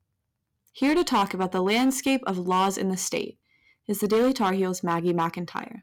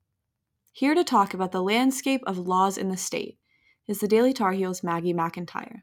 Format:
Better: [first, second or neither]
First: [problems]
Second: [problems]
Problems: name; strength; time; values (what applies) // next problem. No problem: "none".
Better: second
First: distortion; slight; 6% of the sound clipped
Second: none